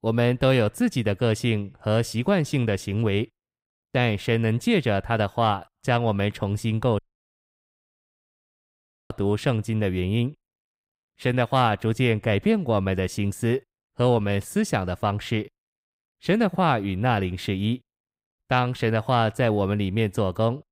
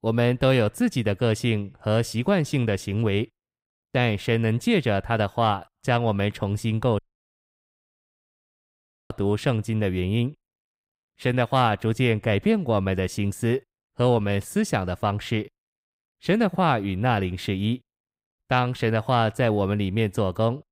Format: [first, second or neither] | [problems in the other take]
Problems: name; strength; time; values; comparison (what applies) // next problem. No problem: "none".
neither | audio cutting out; at 7 s for 2 s; the same in both